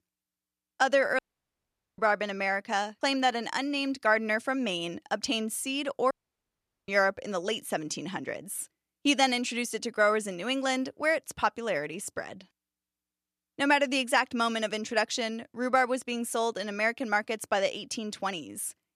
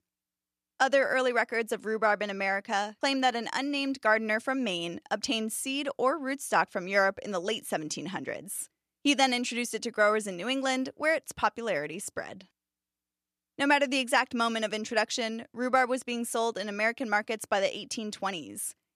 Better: second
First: audio cutting out; at 1 s for 1 s and at 6 s for 1 s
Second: none

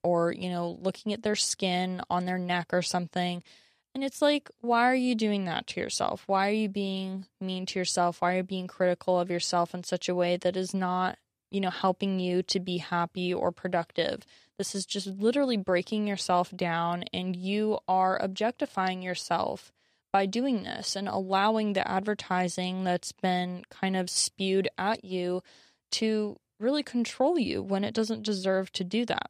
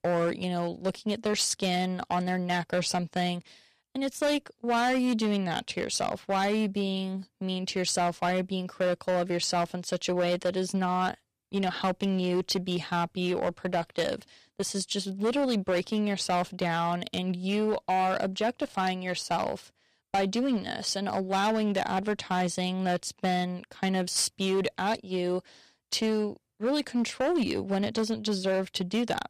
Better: first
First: none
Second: distortion; slight; 9% of the sound clipped

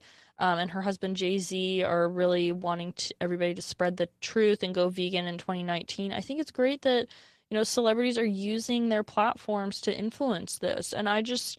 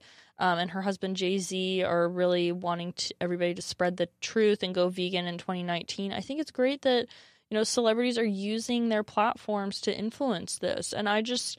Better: second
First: garbled, watery; slightly; nothing above 11.5 kHz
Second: none

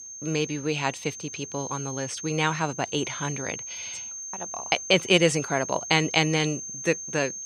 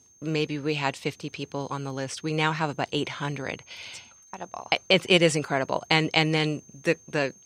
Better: second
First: high-pitched whine; loud; throughout; 6.5 kHz, 9 dB below the speech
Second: high-pitched whine; faint; throughout; 6.5 kHz, 25 dB below the speech

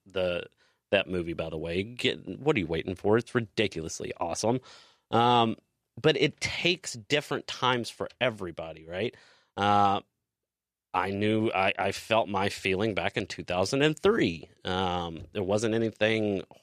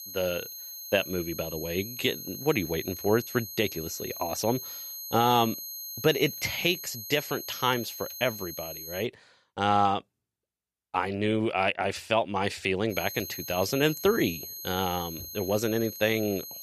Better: first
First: none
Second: high-pitched whine; loud; until 9 s and from 13 s on; 12 kHz, 9 dB below the speech

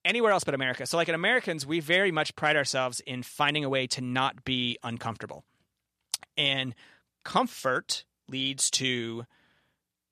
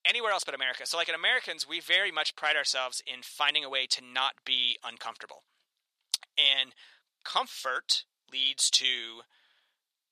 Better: first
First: none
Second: thin; very; fading below 700 Hz

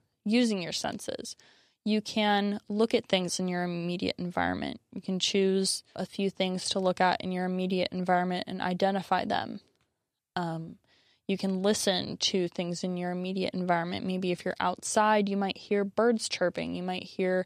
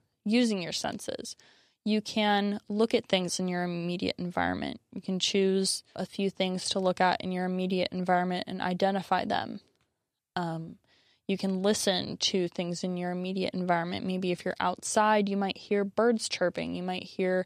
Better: neither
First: none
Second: none

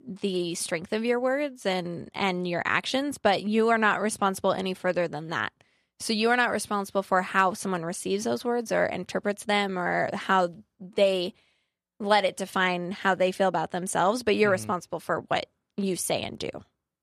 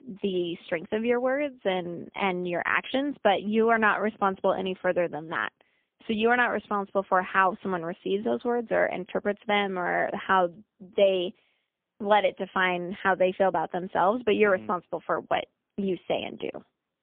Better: first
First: none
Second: phone-call audio; poor line; nothing above 3.5 kHz

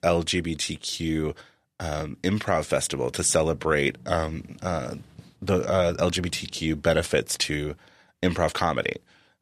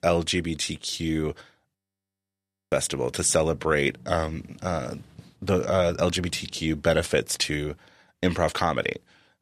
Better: first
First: none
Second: audio freezing; at 2 s for 1 s

